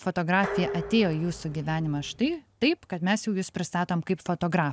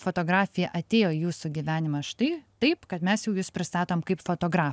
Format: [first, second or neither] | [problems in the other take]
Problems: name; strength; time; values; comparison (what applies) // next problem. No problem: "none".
second | background sound (Dishes, pots, and pans); 11 dB below the speech